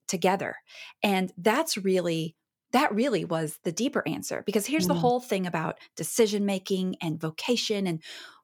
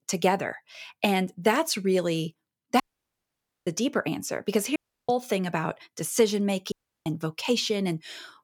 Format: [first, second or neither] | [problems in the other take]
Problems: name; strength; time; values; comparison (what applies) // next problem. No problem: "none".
first | audio cutting out; at 3 s for 1 s, at 5 s and at 6.5 s